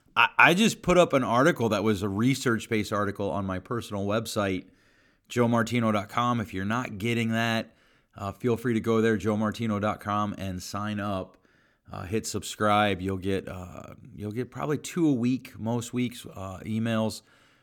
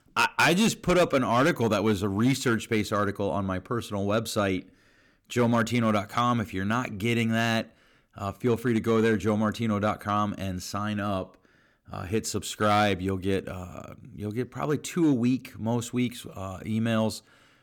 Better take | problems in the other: first | distortion; slight; 3% of the sound clipped

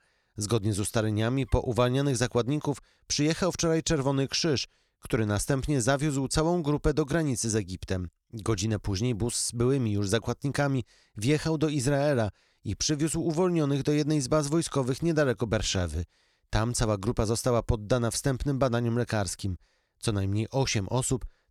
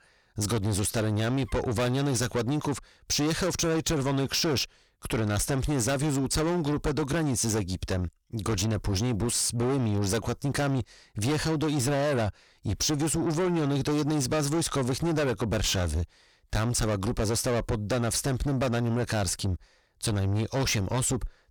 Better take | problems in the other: first | distortion; heavy; 6 dB below the speech

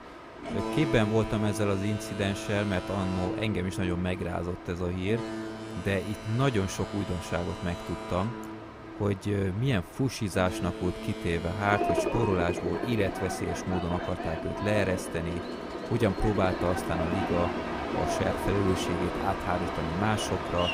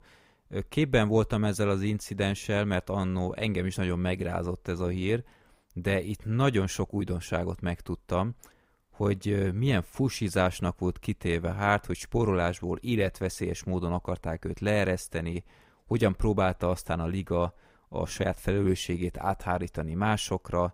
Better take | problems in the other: second | train or aircraft noise; loud; throughout; 4 dB below the speech

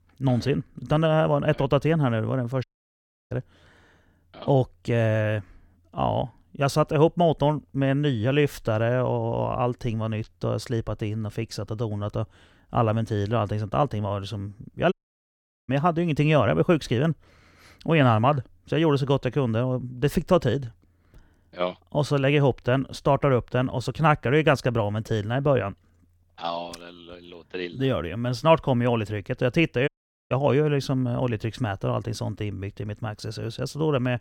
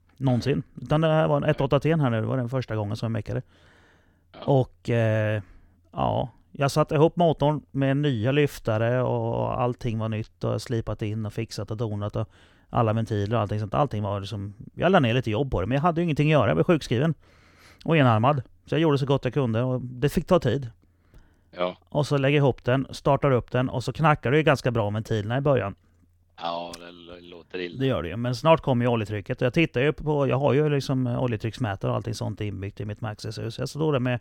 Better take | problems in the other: second | audio cutting out; at 2.5 s for 0.5 s, at 15 s for 1 s and at 30 s

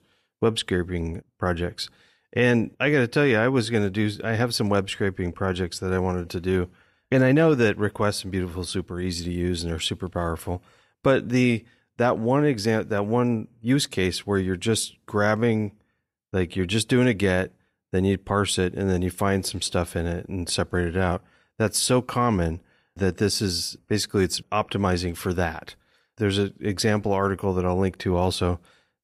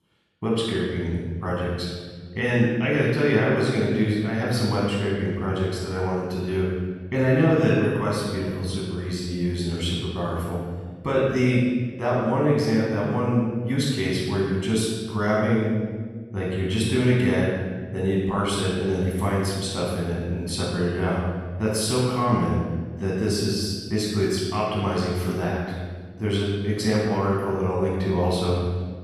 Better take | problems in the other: first | off-mic speech; far // room echo; strong; dies away in 1.6 s

